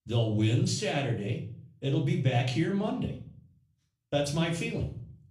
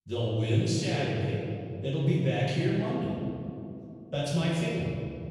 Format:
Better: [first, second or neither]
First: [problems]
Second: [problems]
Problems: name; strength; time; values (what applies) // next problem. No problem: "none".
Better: first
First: room echo; slight; dies away in 0.4 s // off-mic speech; far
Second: room echo; strong; dies away in 2.3 s // off-mic speech; far